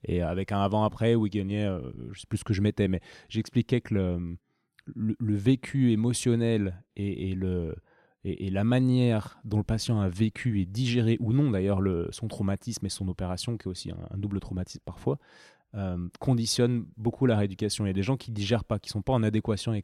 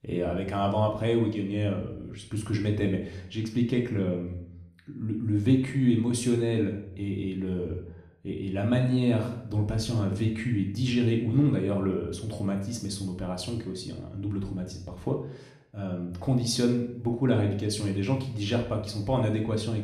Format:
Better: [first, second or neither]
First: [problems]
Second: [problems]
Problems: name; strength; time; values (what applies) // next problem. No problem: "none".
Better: first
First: none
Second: room echo; slight; dies away in 0.5 s // off-mic speech; somewhat distant